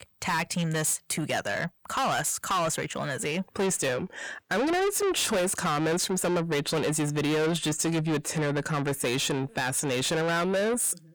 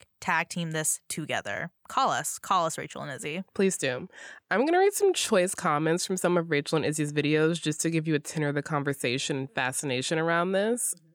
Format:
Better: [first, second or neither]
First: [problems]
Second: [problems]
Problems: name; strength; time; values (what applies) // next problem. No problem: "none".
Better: second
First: distortion; heavy; 6 dB below the speech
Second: none